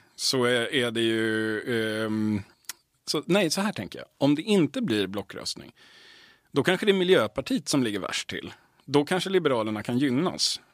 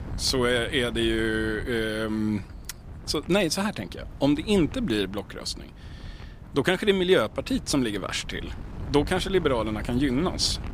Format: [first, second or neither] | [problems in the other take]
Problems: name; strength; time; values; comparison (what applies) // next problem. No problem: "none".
first | wind noise on the microphone; occasional gusts; 20 dB below the speech